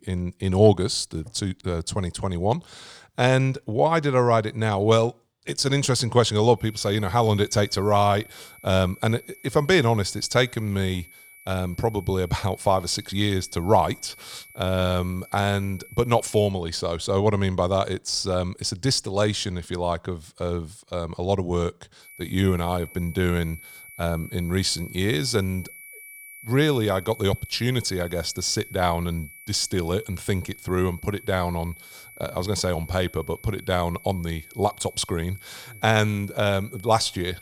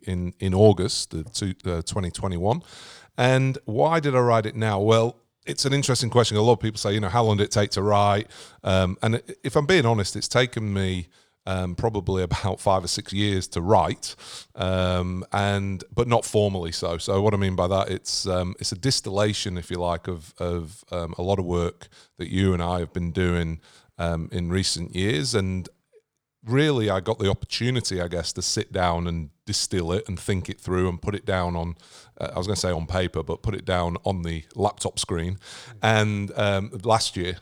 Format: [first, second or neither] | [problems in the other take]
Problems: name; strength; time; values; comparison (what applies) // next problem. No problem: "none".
second | high-pitched whine; noticeable; from 6.5 to 16 s and from 22 s on; 2.5 kHz, 20 dB below the speech